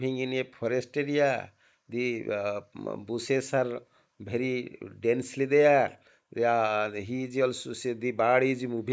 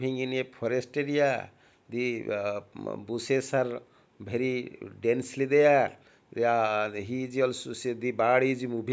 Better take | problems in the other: second | noise reduction (neural mask model Resemble Enhance denoiser)

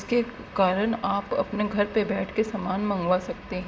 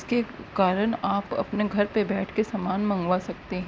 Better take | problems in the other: second | room echo; dies away in 1.1 s

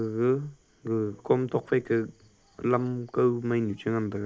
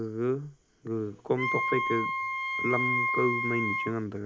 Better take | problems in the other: first | background sound (Wind instrument, woodwind instrument); 1 dB above the speech

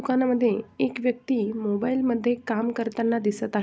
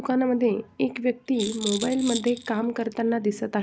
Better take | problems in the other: first | background sound (Rattle); 11 dB below the speech

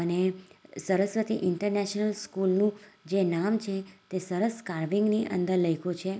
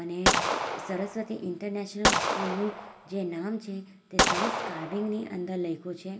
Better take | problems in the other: first | background sound (Gunshot, gunfire); 4 dB above the speech // room echo; dies away in 2.7 s

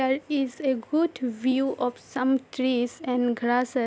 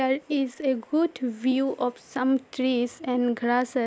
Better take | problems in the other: first | noise reduction (neural mask model Resemble Enhance denoiser)

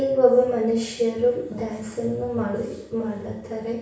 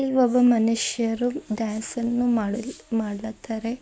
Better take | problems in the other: second | room echo; dies away in 0.6 s

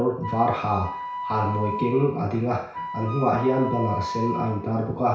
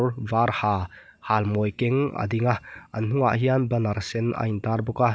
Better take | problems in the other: second | background sound (Wind instrument, woodwind instrument); 8 dB below the speech // room echo; dies away in 0.6 s

